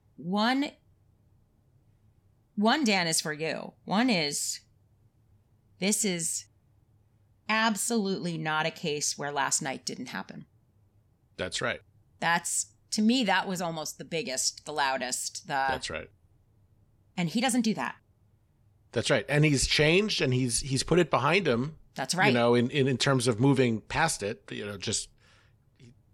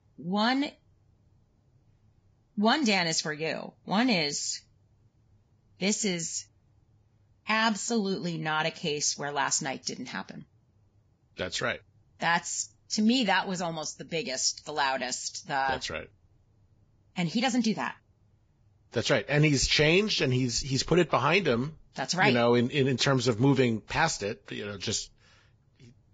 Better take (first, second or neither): first